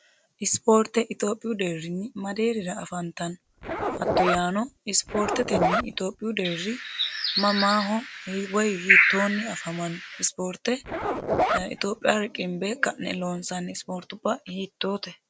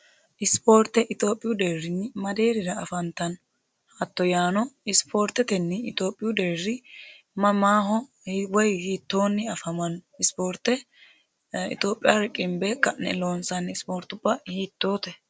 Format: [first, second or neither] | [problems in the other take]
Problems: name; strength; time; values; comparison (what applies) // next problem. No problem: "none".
second | background sound (Zipper (clothing) + Bird); 1 dB above the speech